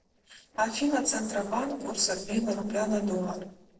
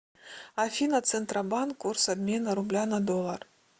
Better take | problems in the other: second | noise reduction (neural separator model SepFormer DNS4)

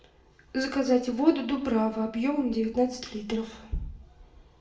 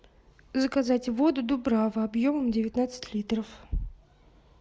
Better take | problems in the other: second | room echo; dies away in 0.6 s

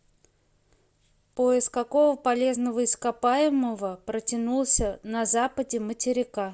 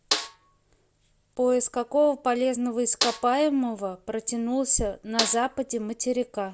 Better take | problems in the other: first | background sound (Snare drum); 7 dB below the speech

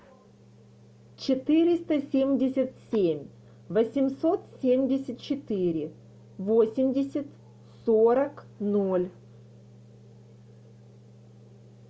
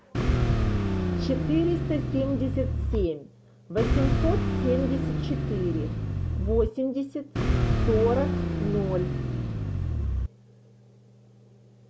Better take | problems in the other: first | background sound (Car); 4 dB above the speech

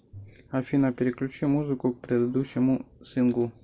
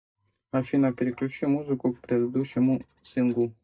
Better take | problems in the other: first | noise reduction (neural mask model DeepFilterNet 3)

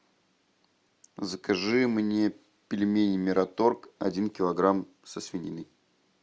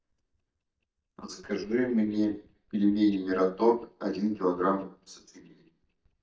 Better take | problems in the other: first | noise reduction (neural mask model DeepFilterNet 3)

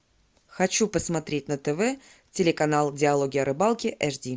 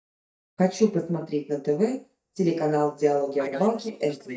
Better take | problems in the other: first | noise reduction (neural mask model DeepFilterNet 3)

